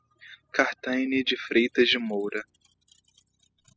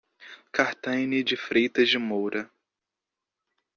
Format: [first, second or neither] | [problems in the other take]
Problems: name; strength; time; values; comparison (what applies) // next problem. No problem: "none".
second | noise reduction (classical method spectral subtraction)